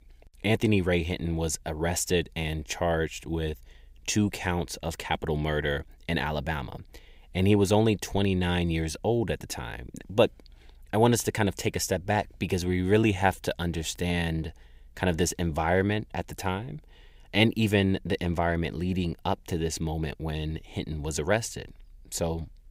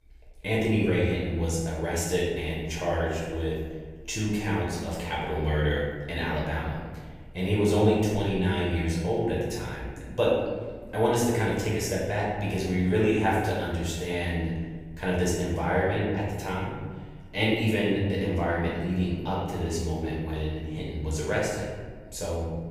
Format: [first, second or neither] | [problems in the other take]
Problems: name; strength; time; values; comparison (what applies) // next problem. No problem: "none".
first | room echo; noticeable; dies away in 1.4 s // off-mic speech; far